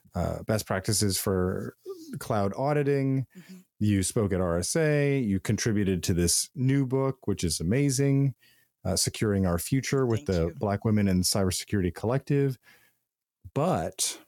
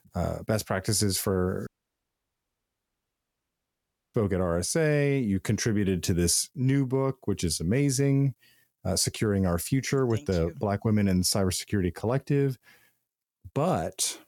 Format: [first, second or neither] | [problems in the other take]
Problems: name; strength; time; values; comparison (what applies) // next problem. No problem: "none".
first | audio cutting out; at 1.5 s for 2.5 s